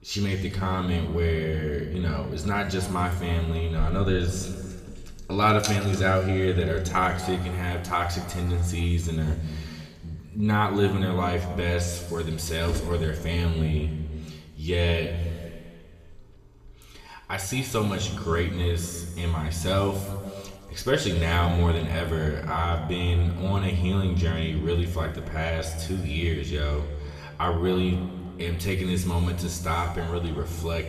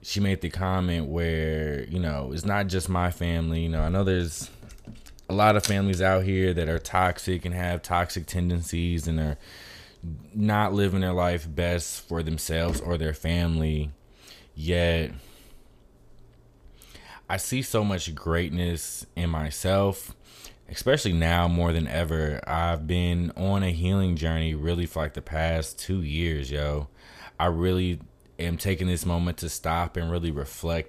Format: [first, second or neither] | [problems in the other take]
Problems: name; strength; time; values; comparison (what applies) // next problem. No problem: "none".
second | room echo; noticeable; dies away in 1.9 s // off-mic speech; somewhat distant